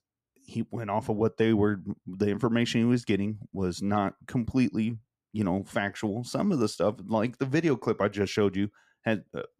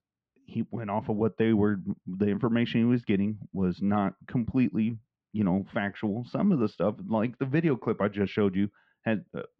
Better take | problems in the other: first | muffled; slightly; fading above 3.5 kHz

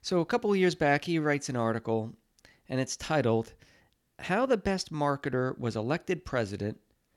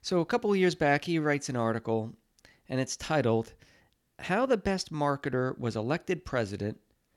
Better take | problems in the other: neither | none

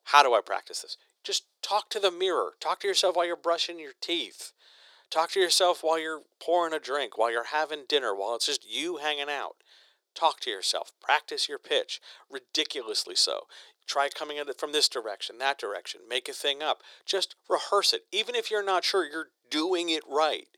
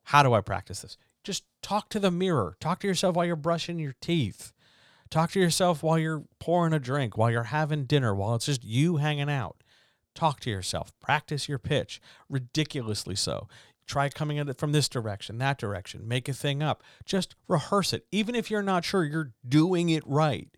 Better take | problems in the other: second | thin; very; fading below 350 Hz

